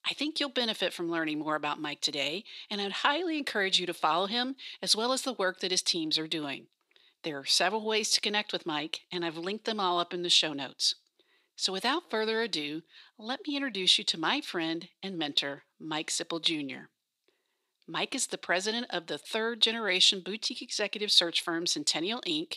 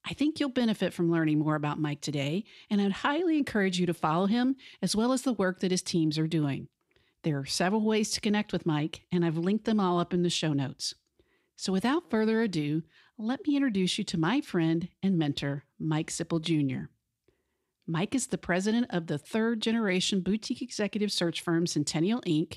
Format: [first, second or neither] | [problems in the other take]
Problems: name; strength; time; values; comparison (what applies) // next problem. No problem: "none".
second | thin; somewhat; fading below 500 Hz